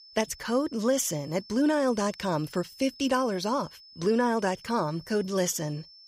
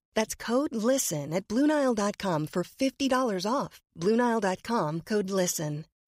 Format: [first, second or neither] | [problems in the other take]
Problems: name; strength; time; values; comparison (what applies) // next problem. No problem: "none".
second | high-pitched whine; faint; throughout; 5 kHz, 20 dB below the speech